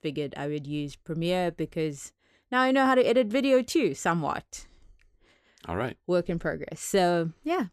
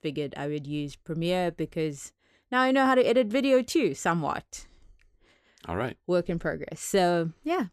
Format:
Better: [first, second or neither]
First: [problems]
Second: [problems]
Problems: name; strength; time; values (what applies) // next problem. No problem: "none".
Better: neither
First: none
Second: none